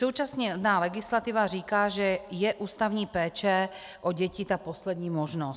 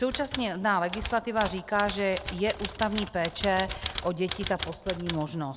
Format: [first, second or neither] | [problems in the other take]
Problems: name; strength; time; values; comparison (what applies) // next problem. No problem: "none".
first | background sound (Typewriter); 9 dB below the speech